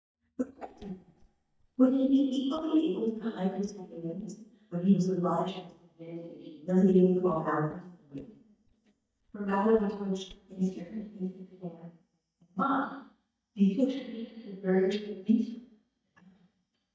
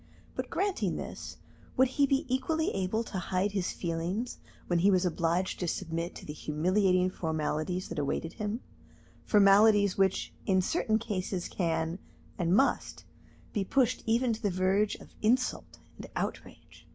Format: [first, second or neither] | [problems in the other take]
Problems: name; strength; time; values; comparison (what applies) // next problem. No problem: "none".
second | noise reduction (neural mask model DeepFilterNet 3)